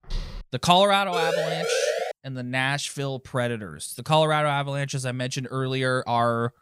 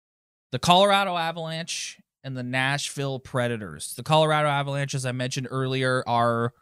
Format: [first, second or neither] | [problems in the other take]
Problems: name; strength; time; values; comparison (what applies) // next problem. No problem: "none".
second | footsteps; faint; at the start; peak 10 dB below the speech // siren; noticeable; from 1 to 2 s; peak 1 dB below the speech